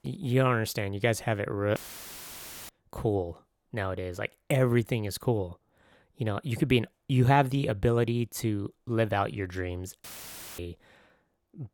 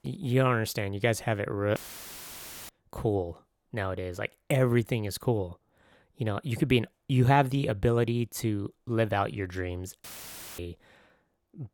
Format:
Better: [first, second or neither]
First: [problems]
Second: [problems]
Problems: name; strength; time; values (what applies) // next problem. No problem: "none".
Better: neither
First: audio cutting out; filled with static; at 2 s for 1 s and at 10 s for 0.5 s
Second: audio cutting out; filled with static; at 2 s for 1 s and at 10 s for 0.5 s